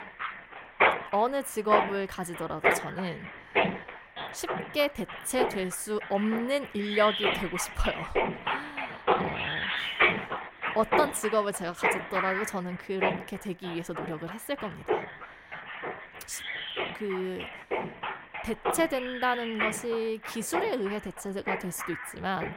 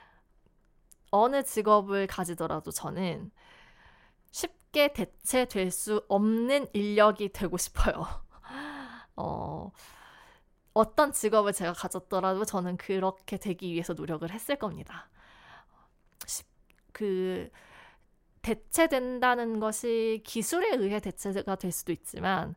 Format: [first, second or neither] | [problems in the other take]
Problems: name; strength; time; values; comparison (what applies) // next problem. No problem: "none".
second | machinery noise; very loud; throughout; 1 dB above the speech